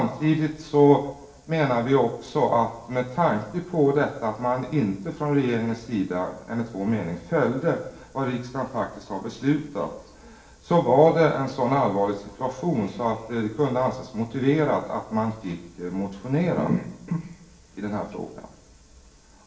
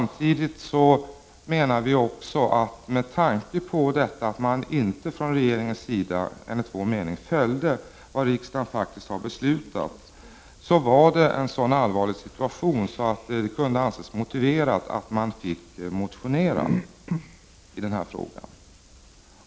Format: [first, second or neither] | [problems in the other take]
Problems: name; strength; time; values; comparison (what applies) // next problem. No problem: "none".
second | room echo; dies away in 0.7 s